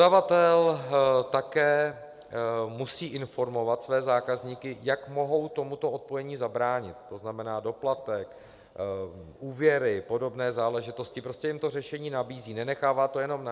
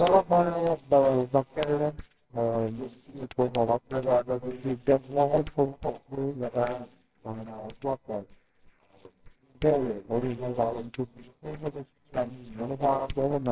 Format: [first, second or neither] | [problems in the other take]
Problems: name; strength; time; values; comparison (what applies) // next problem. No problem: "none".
first | noise reduction (neural separator model SepFormer WHAMR!)